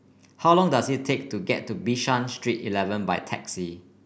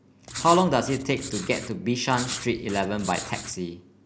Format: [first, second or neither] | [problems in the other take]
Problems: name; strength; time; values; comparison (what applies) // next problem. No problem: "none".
first | background sound (Writing); 11 dB below the speech